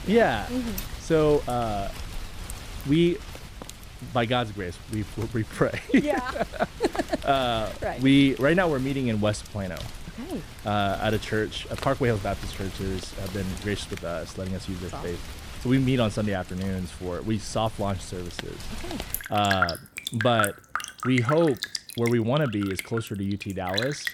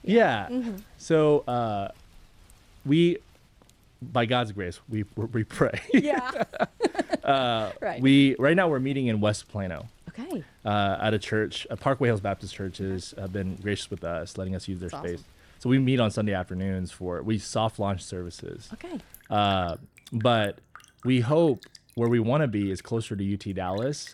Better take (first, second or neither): second